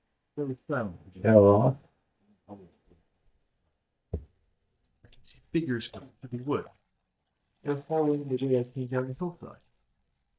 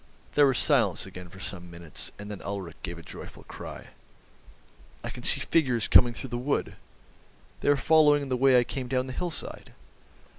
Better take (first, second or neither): second